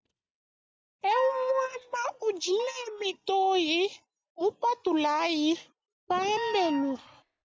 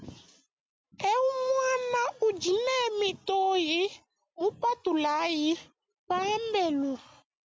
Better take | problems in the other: second | noise reduction (neural mask model DeepFilterNet 3)

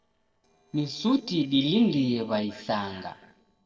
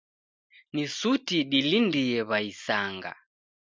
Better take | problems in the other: second | noise reduction (neural separator model SepFormer DNS4)

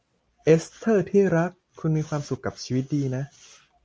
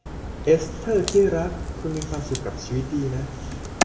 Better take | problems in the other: first | background sound (Crack); 6 dB below the speech // room echo; dies away in 1 s

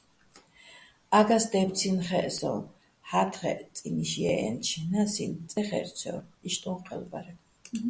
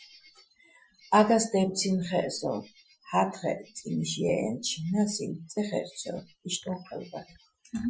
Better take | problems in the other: first | noise reduction (classical method Wiener filter)

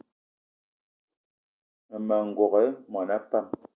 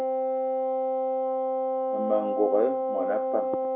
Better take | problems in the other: first | background sound (Wind instrument, woodwind instrument); 4 dB above the speech

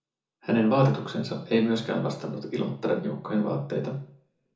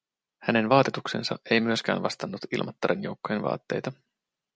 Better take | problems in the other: second | room echo; dies away in 0.7 s

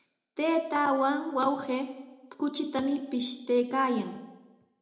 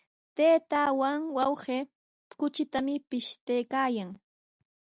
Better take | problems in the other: second | room echo; dies away in 0.7 s

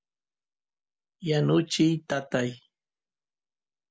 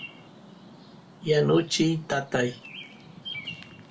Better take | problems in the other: first | background sound (Bird vocalization, bird call, bird song); 15 dB below the speech // room echo; dies away in 0.2 s

